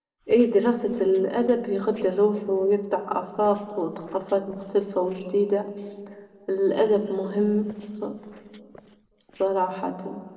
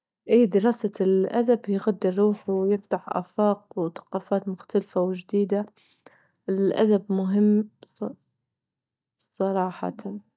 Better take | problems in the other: second | noise reduction (neural separator model SepFormer DNS4)

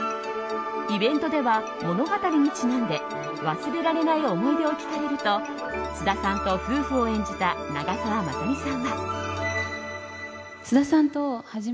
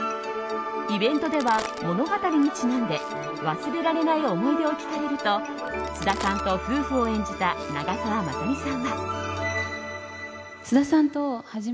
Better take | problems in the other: first | background sound (Crack); 18 dB below the speech

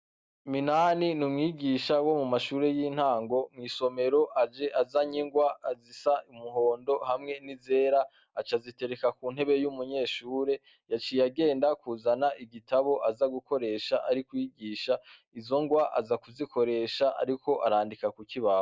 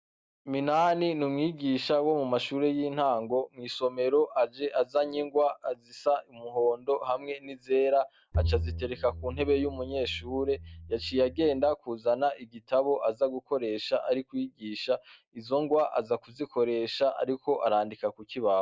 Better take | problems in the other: first | background sound (Bowed string instrument); 7 dB below the speech

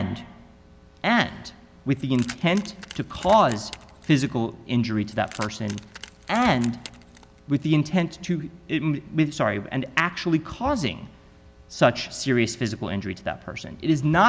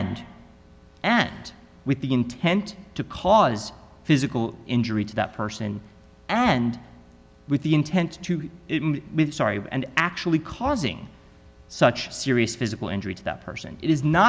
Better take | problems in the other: second | background sound (Keys jangling); 18 dB below the speech

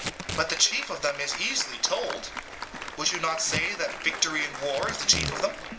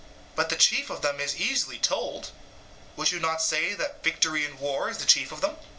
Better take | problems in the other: second | background sound (Packing tape, duct tape / Tearing + Applause); 7 dB below the speech

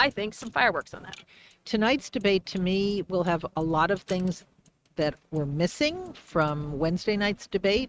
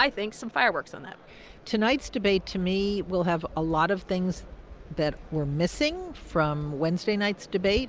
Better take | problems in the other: second | noise reduction (neural mask model RNNoise)

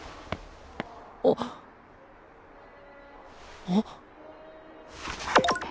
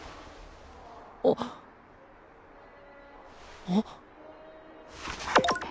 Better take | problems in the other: second | background sound (Walk, footsteps); 7 dB below the speech

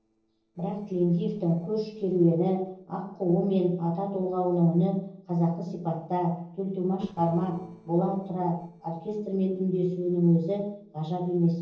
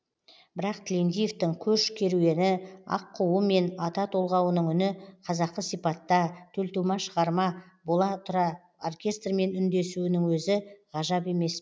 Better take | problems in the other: second | noise reduction (neural separator model SepFormer DNS4)

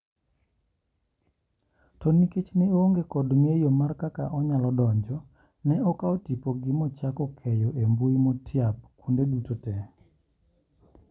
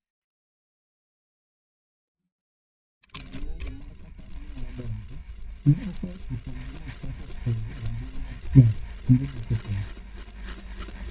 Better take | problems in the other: first | noise reduction (neural mask model DeepFilterNet 3)

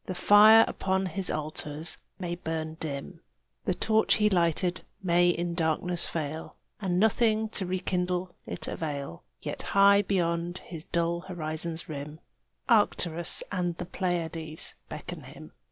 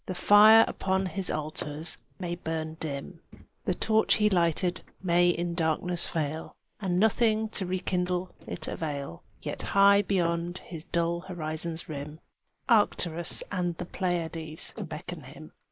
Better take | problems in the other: first | noise reduction (neural mask model Resemble Enhance denoiser)

